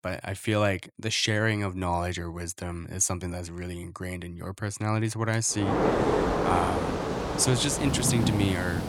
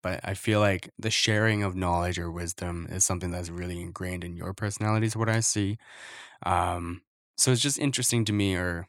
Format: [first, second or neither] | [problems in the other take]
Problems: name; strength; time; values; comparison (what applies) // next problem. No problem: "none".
second | rain or running water; very loud; from 5.5 s on; as loud as the speech